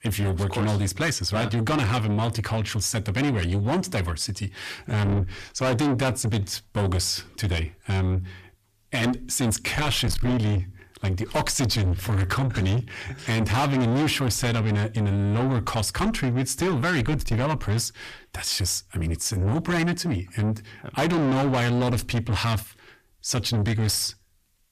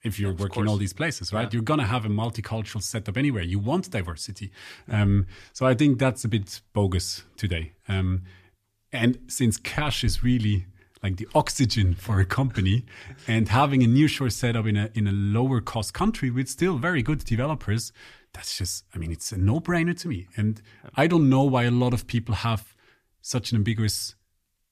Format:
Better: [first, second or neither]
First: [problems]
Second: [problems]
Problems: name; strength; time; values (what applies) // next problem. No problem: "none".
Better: second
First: distortion; heavy; 6 dB below the speech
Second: none